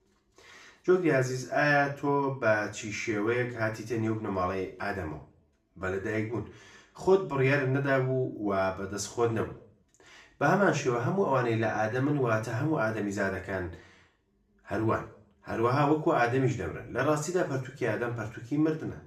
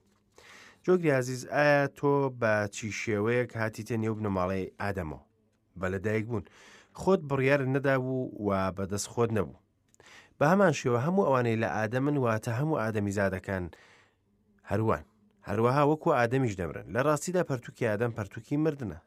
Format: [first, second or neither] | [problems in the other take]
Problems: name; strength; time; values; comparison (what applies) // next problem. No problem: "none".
second | room echo; slight; dies away in 0.4 s // off-mic speech; far